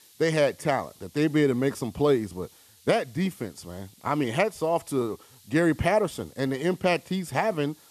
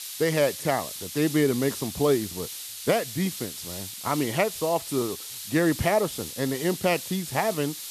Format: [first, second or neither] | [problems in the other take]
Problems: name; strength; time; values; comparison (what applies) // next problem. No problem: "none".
first | hiss; loud; throughout; 8 dB below the speech; faint in the first